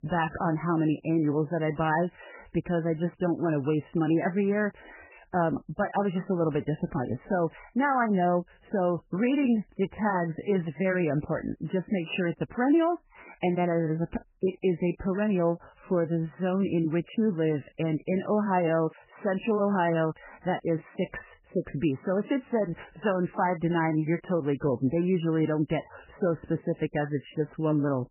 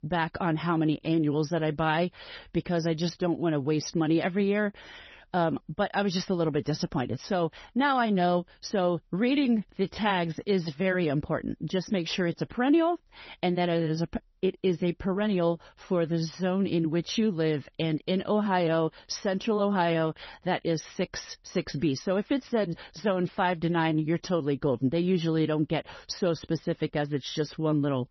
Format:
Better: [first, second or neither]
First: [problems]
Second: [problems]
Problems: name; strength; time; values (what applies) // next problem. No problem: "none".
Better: second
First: garbled, watery; badly; nothing above 3 kHz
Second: garbled, watery; slightly; nothing above 6 kHz